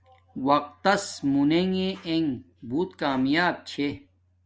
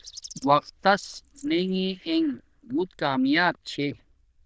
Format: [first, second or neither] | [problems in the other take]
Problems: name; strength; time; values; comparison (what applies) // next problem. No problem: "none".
first | noise reduction (neural diffusion model UNIVERSE++)